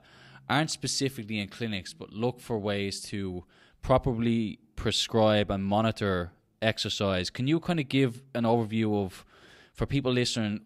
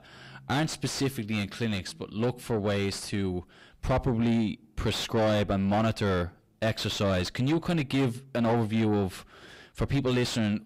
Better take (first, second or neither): first